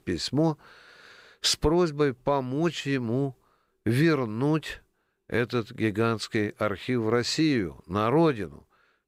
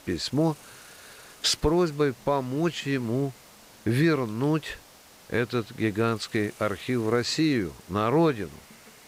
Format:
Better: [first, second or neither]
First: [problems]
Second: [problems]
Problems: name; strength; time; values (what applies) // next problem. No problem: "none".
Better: first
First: none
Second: hiss; faint; throughout; 20 dB below the speech